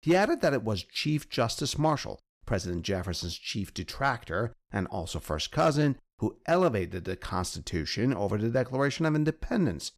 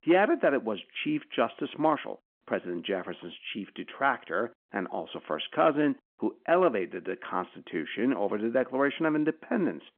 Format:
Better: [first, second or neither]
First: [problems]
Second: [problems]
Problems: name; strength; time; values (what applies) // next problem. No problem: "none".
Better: first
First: none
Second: phone-call audio; nothing above 3.5 kHz